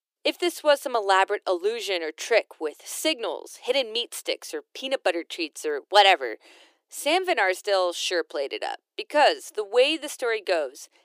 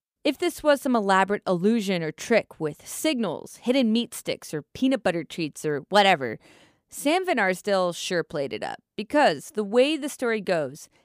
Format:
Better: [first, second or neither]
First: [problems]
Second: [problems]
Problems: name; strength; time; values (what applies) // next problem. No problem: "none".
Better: second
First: thin; very; fading below 350 Hz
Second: none